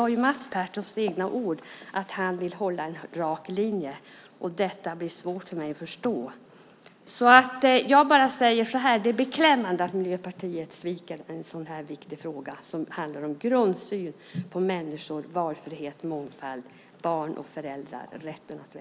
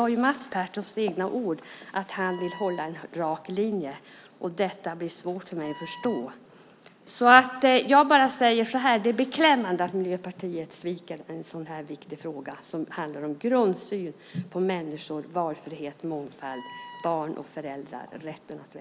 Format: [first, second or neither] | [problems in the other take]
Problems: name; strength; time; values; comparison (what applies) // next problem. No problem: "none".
first | background sound (Wind instrument, woodwind instrument); 19 dB below the speech